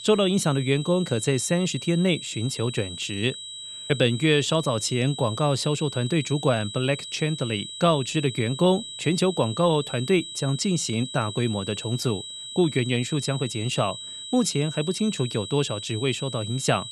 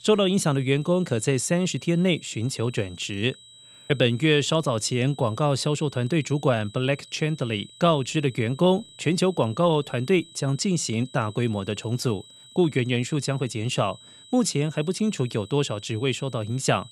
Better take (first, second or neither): second